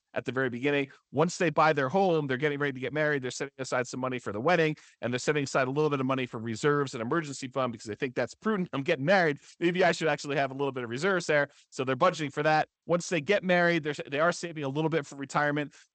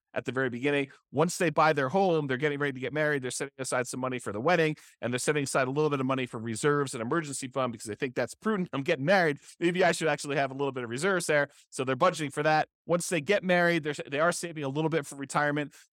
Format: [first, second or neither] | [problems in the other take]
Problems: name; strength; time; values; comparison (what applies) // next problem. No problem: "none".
second | garbled, watery; slightly; nothing above 8 kHz